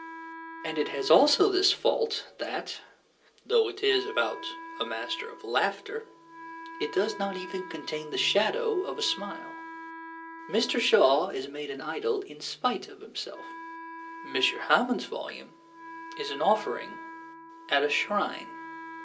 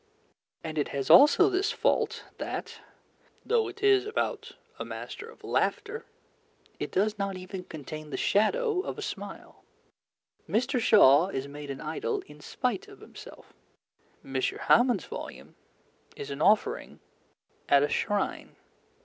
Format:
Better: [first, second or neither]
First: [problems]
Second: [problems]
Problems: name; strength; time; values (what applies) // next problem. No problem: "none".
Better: second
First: background sound (Wind instrument, woodwind instrument); 15 dB below the speech // room echo; dies away in 0.2 s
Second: none